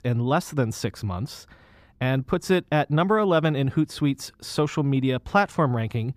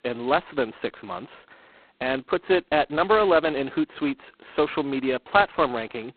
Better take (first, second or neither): first